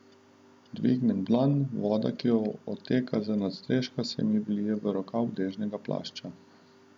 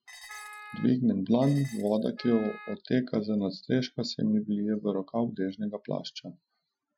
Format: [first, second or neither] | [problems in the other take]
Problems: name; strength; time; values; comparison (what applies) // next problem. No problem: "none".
first | noise reduction (classical method Wiener filter)